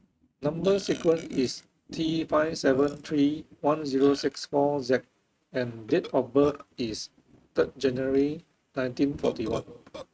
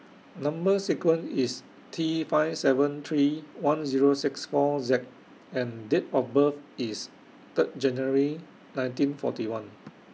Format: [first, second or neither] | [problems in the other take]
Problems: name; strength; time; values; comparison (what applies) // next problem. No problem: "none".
second | noise reduction (neural mask model RNNoise)